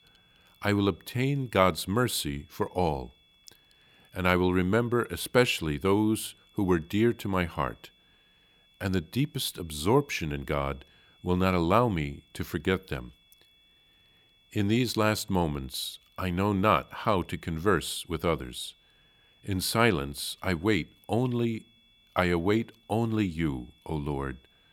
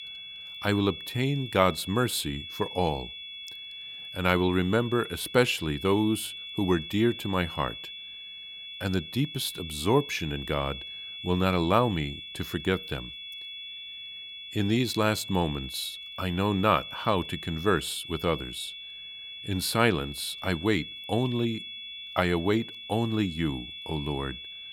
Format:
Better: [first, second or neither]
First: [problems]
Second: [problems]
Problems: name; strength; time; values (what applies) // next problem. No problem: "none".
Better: first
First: high-pitched whine; faint; throughout; 3.5 kHz, 30 dB below the speech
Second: high-pitched whine; loud; throughout; 3.5 kHz, 10 dB below the speech